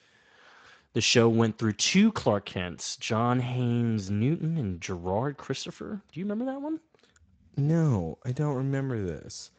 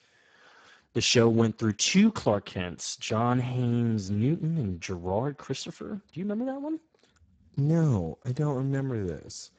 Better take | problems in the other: first | garbled, watery; badly; nothing above 7.5 kHz; slightly in the first

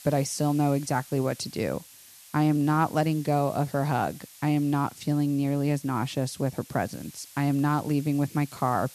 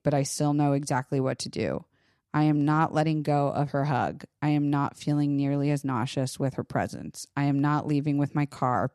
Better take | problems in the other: second | hiss; noticeable; throughout; 20 dB below the speech

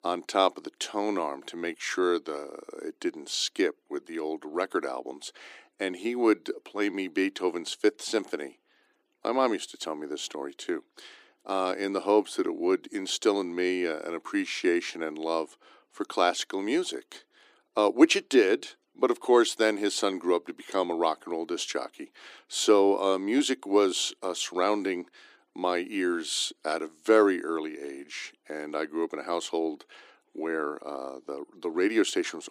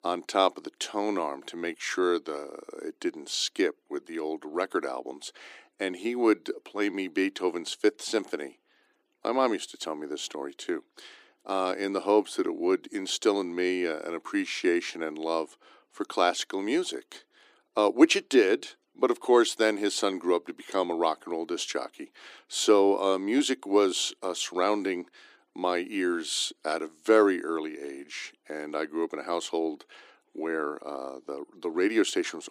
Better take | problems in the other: neither | thin; somewhat; fading below 300 Hz; the same in both

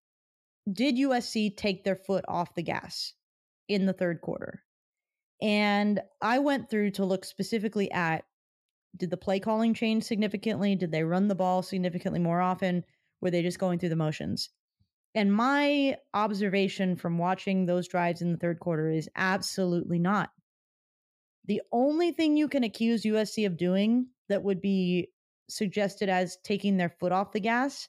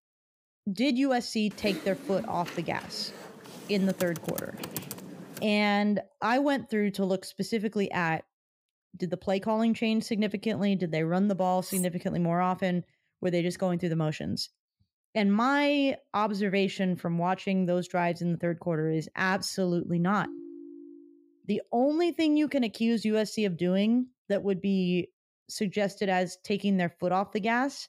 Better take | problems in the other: first | keyboard typing; noticeable; from 1.5 to 5.5 s; peak 8 dB below the speech // clattering dishes; noticeable; at 12 s; peak 6 dB below the speech // phone ringing; faint; at 20 s; peak 15 dB below the speech

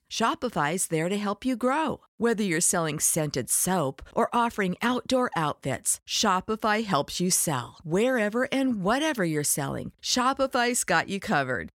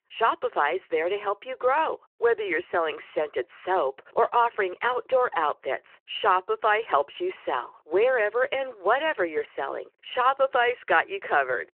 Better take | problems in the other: first | phone-call audio

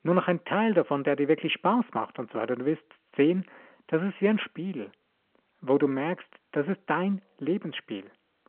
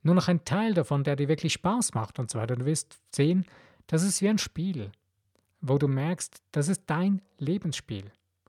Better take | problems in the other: second | phone-call audio

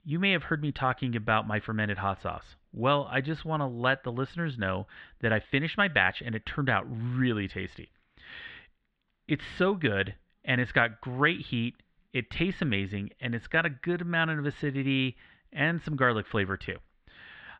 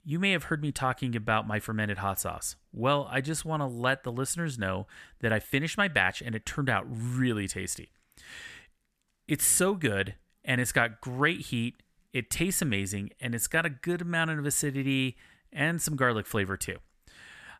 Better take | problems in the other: second | muffled; very; fading above 3.5 kHz

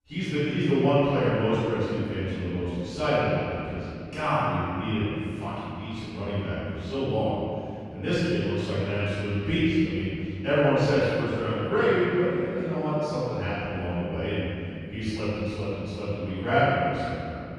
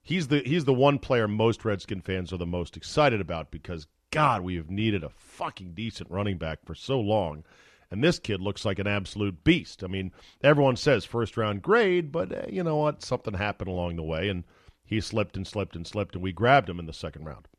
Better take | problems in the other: second | off-mic speech; far // room echo; strong; dies away in 2.7 s

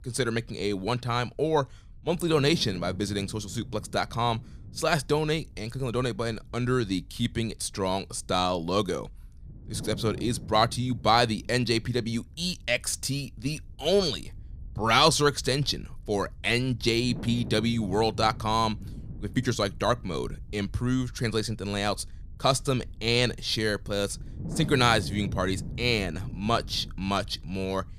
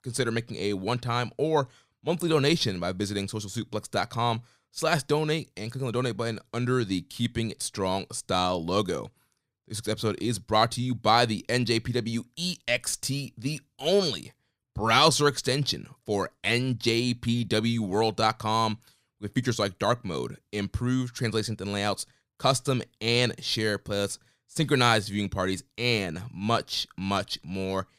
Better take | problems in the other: second | wind noise on the microphone; occasional gusts; 25 dB below the speech

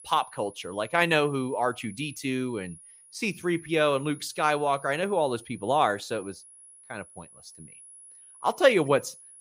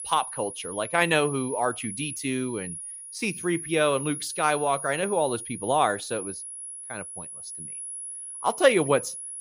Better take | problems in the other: first | high-pitched whine; loud; throughout; 10.5 kHz, 9 dB below the speech; faint in the first

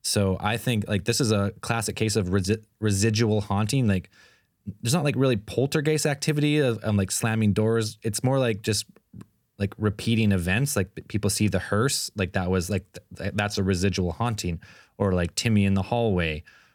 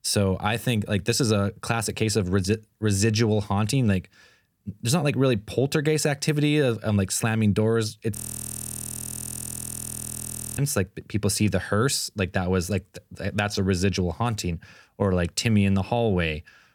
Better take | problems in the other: first | audio freezing; at 8 s for 2.5 s

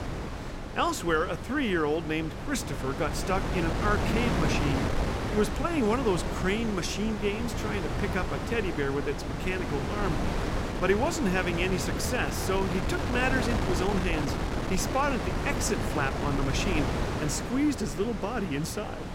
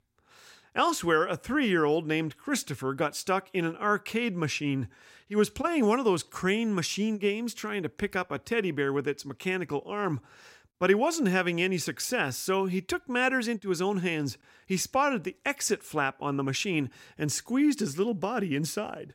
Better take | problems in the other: second | wind noise on the microphone; heavy; 4 dB below the speech

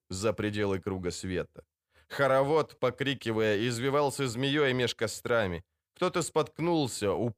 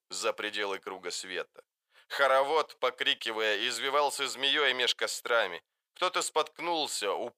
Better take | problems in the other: first | thin; very; fading below 750 Hz

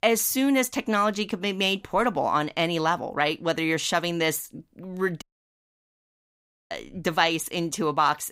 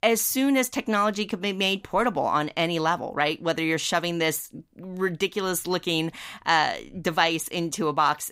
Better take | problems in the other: second | audio cutting out; at 5 s for 1.5 s

